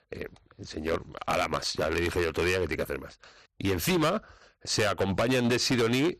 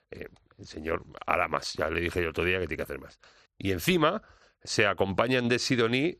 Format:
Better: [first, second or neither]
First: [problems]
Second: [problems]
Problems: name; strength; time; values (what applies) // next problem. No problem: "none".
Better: second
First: distortion; heavy; 10% of the sound clipped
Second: none